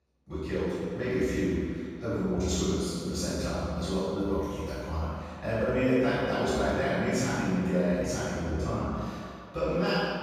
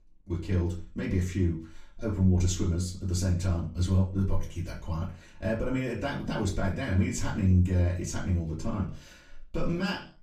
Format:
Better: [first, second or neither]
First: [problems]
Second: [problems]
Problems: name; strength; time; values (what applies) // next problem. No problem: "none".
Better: second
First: room echo; strong; dies away in 2.1 s // off-mic speech; far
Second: room echo; slight; dies away in 0.4 s // off-mic speech; far